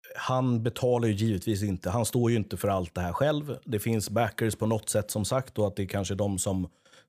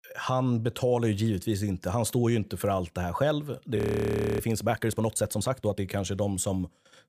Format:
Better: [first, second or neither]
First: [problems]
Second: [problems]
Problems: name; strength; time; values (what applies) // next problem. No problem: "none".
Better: first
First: none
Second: audio freezing; at 4 s for 0.5 s